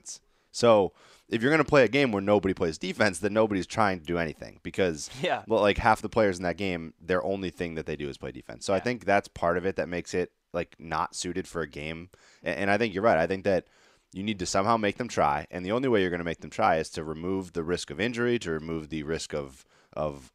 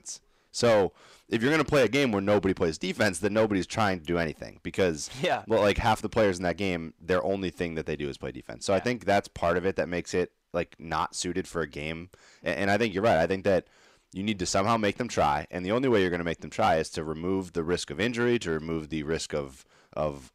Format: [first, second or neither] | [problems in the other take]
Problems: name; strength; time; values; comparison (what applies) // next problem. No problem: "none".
first | distortion; slight; 4% of the sound clipped